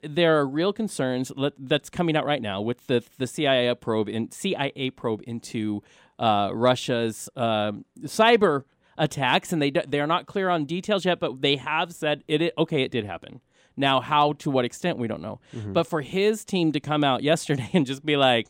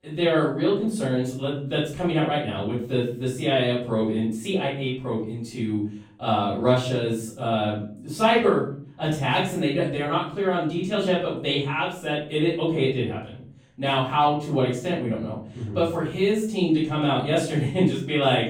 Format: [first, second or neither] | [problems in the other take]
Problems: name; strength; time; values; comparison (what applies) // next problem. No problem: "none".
first | off-mic speech; far // room echo; noticeable; dies away in 0.5 s